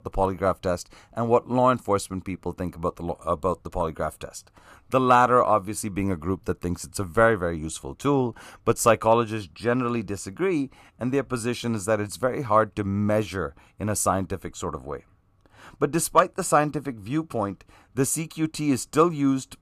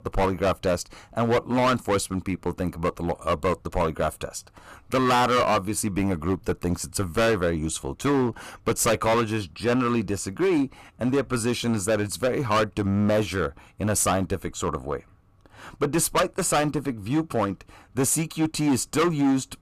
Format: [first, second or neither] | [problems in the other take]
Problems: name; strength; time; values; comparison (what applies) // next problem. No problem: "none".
first | distortion; heavy; 11% of the sound clipped